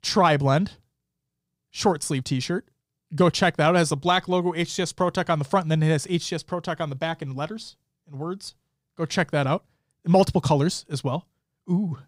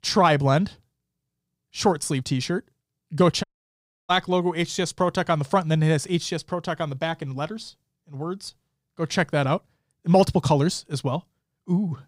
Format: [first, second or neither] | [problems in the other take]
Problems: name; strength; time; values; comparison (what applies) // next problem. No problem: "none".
first | audio cutting out; at 3.5 s for 0.5 s